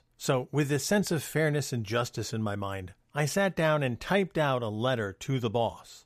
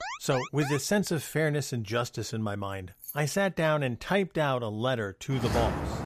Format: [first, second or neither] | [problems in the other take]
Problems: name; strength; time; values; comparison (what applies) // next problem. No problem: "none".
first | alarm; noticeable; at the start; peak 7 dB below the speech // jangling keys; faint; at 3 s; peak 15 dB below the speech // footsteps; noticeable; at 5.5 s; peak 1 dB below the speech